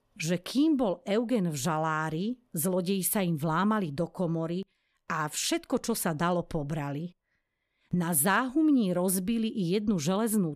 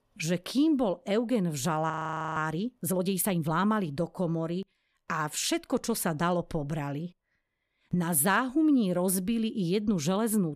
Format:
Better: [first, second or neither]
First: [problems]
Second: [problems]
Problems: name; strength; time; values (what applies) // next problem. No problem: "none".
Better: first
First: none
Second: audio freezing; at 2 s